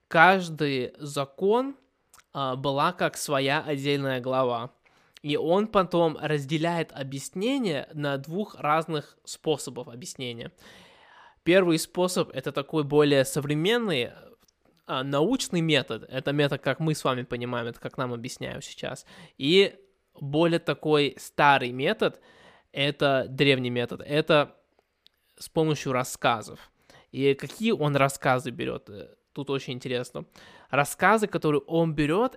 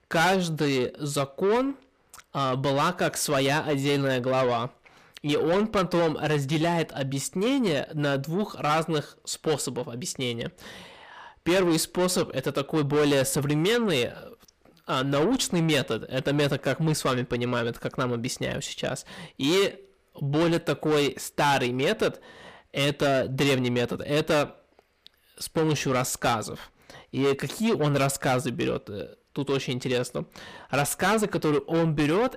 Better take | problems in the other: first | distortion; heavy; 7 dB below the speech

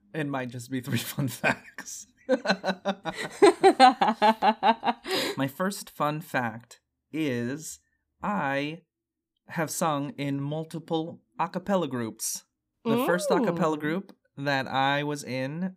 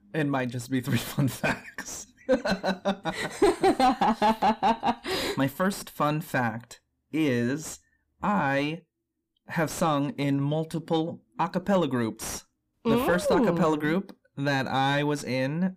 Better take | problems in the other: first | distortion; heavy; 7 dB below the speech

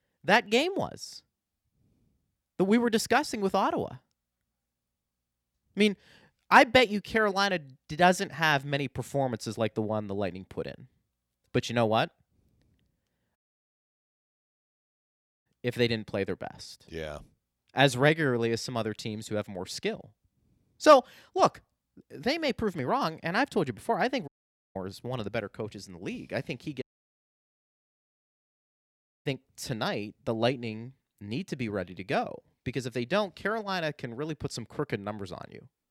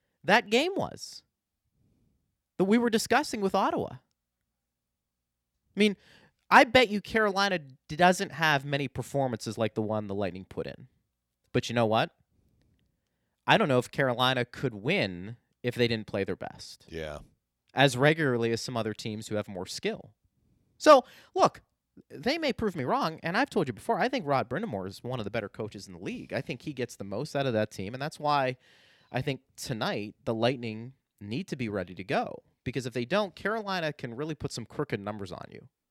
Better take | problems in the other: second | audio cutting out; at 13 s for 2 s, at 24 s and at 27 s for 2.5 s

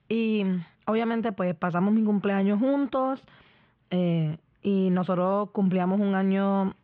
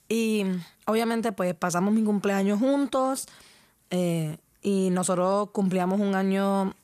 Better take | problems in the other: second | muffled; very; fading above 3 kHz

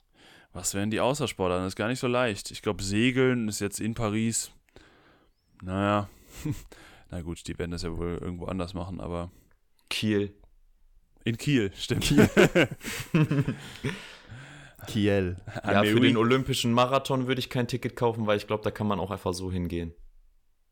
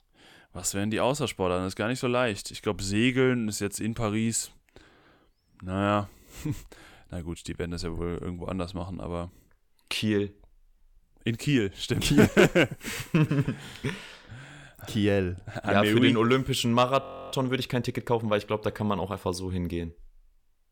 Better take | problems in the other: first | audio freezing; at 17 s

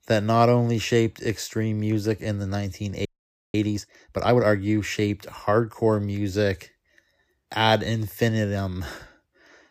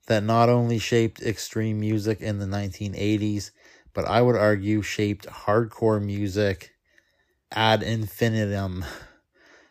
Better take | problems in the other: second | audio freezing; at 3 s

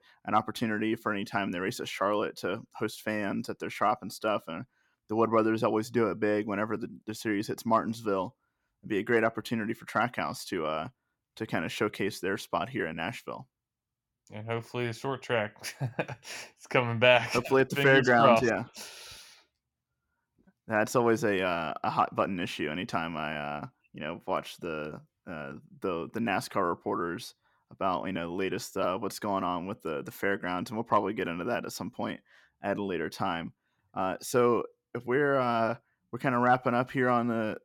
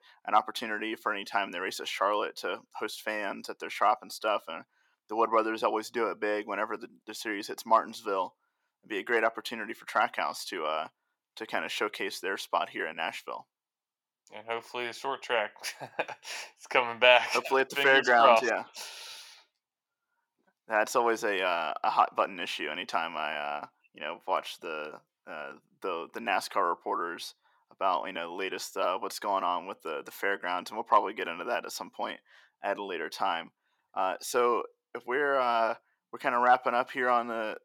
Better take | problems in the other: first | thin; somewhat; fading below 450 Hz

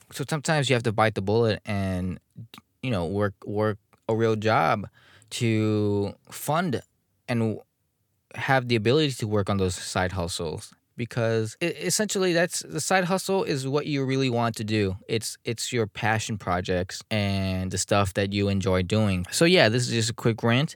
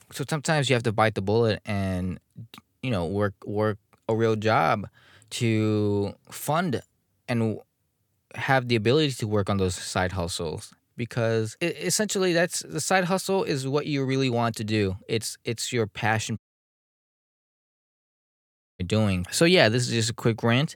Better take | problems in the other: first | audio cutting out; at 16 s for 2.5 s

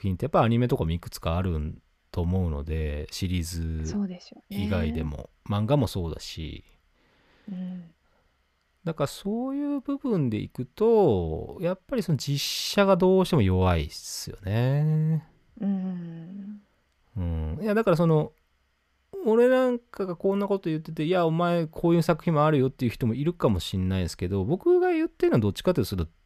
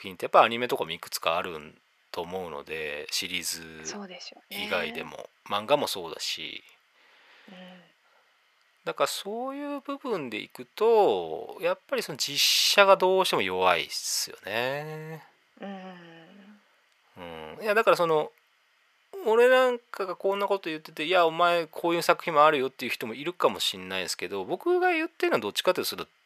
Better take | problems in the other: first | thin; very; fading below 650 Hz

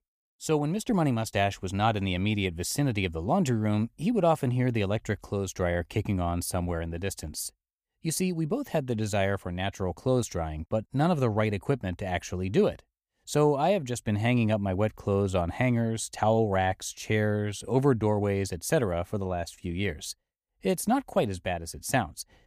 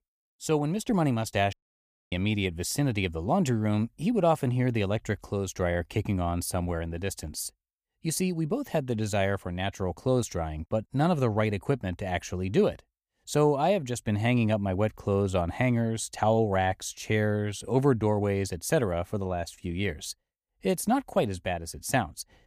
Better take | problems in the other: first | audio cutting out; at 1.5 s for 0.5 s

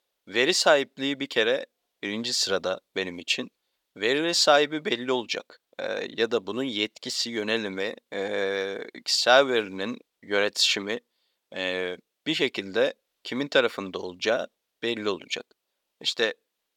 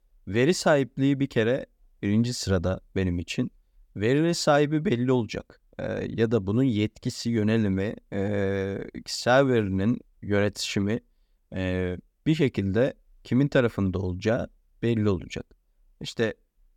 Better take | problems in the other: second | thin; somewhat; fading below 450 Hz

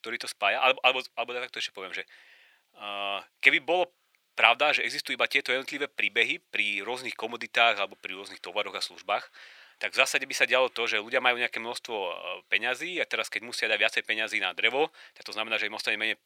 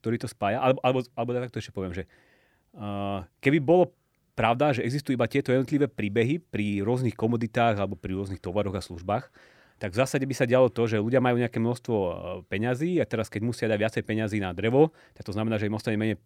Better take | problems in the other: second | thin; very; fading below 800 Hz

